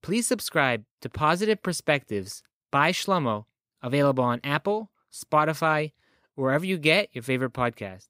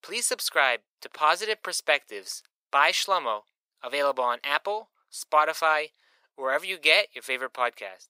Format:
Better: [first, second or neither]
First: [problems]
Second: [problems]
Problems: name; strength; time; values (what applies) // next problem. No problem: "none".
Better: first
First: none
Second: thin; very; fading below 600 Hz